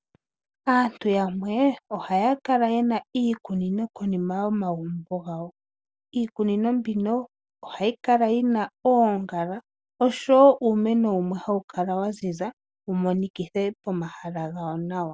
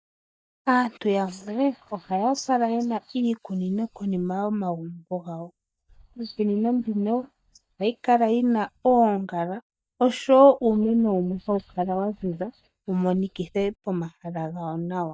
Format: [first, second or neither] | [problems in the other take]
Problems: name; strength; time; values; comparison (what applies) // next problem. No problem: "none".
first | noise reduction (neural mask model DeepFilterNet 3)